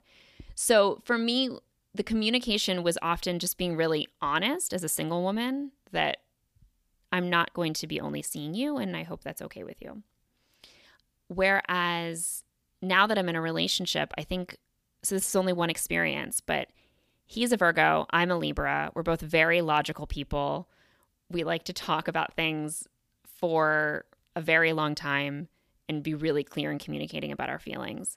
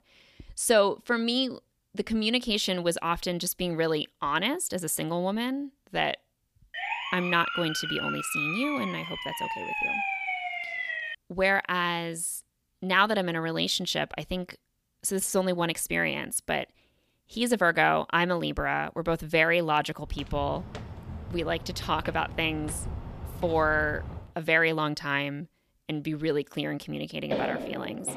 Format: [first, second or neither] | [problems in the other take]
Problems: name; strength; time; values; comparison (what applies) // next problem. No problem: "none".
first | siren; loud; from 6.5 to 11 s; peak 1 dB above the speech // footsteps; noticeable; from 20 to 24 s and at 27 s; peak 3 dB below the speech